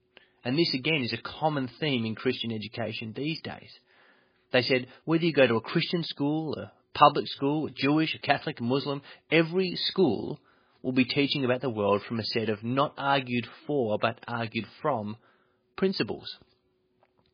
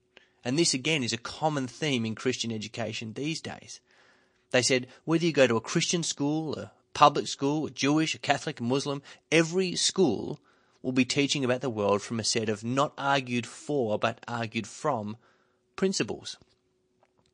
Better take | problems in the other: second | garbled, watery; badly; slightly in the second

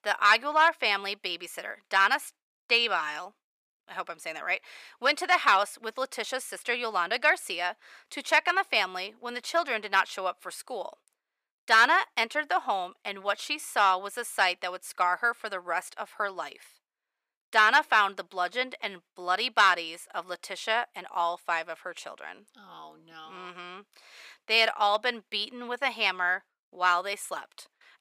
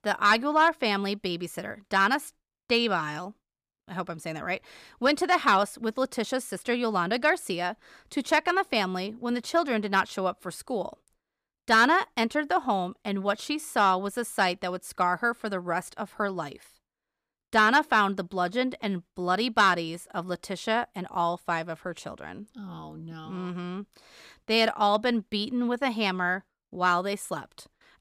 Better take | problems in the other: second | thin; very; fading below 600 Hz

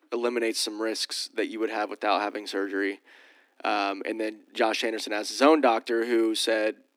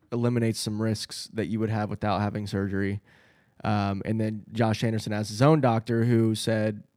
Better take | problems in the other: second | thin; somewhat; fading below 250 Hz

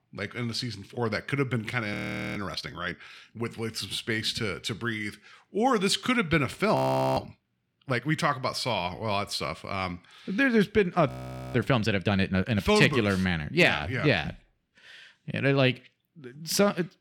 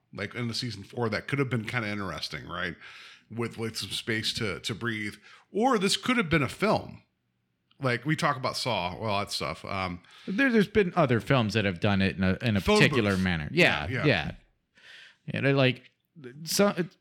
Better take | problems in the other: second | audio freezing; at 2 s, at 7 s and at 11 s

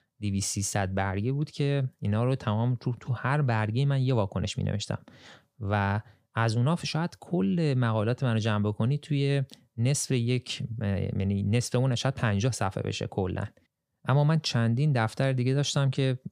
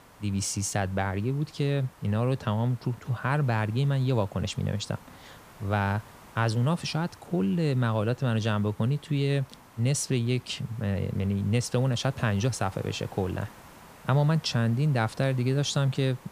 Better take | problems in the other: first | hiss; faint; throughout; 25 dB below the speech

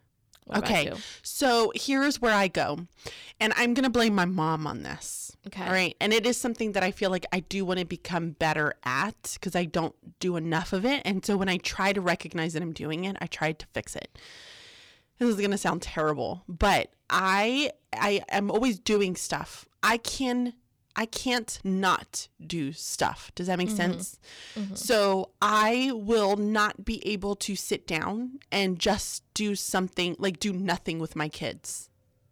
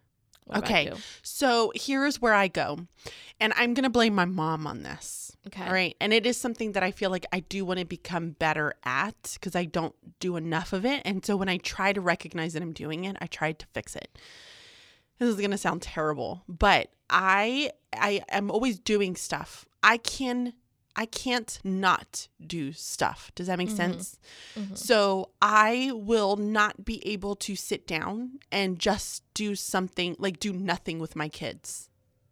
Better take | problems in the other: second | distortion; slight; 3% of the sound clipped

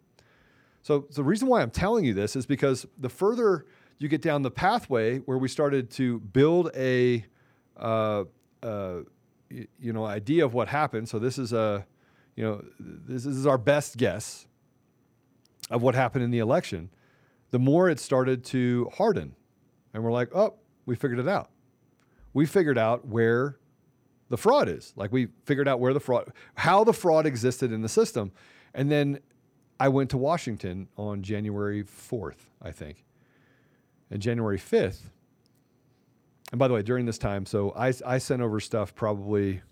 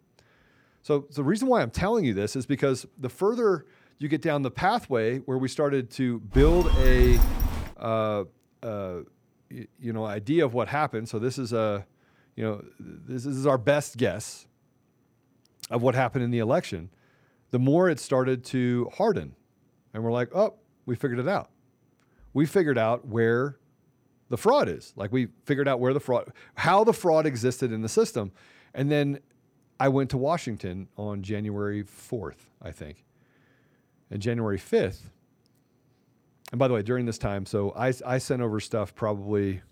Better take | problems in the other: first | phone ringing; loud; from 6.5 to 7.5 s; peak 3 dB above the speech

